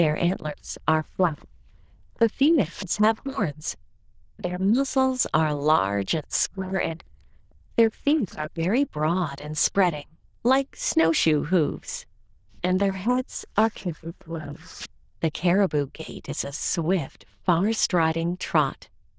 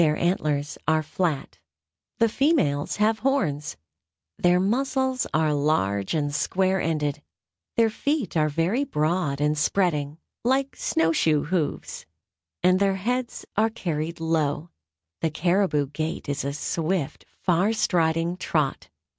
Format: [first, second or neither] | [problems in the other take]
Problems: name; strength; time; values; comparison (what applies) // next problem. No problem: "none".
second | noise reduction (neural diffusion model UNIVERSE++)